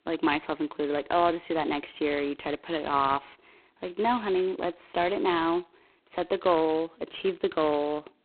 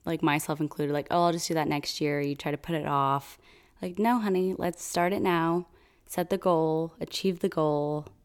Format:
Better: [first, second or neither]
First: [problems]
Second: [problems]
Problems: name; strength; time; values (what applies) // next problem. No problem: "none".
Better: second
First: phone-call audio; poor line; nothing above 4 kHz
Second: none